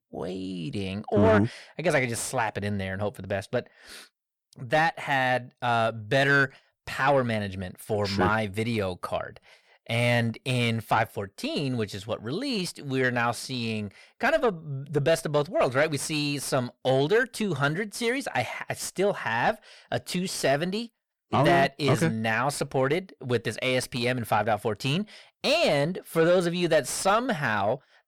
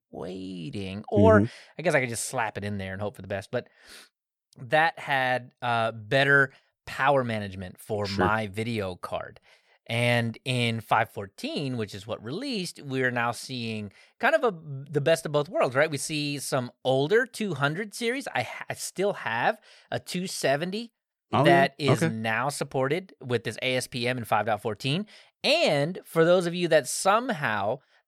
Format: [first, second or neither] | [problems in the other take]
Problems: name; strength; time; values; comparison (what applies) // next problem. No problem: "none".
second | distortion; slight; 10 dB below the speech